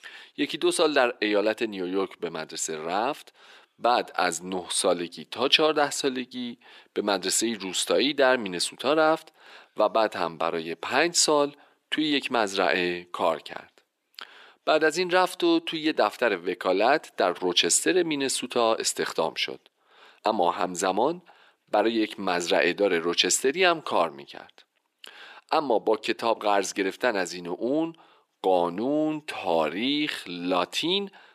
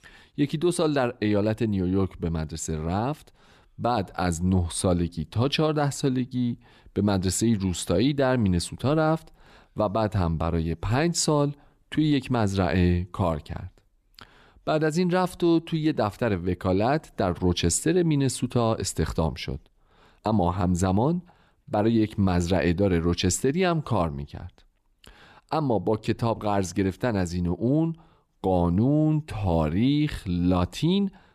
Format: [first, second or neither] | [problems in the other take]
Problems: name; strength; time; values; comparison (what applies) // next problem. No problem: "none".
second | thin; somewhat; fading below 350 Hz